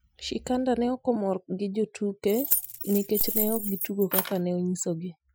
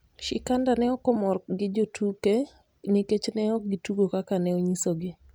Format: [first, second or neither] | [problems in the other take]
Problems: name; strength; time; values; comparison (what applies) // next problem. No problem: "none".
second | noise reduction (classical method Wiener filter)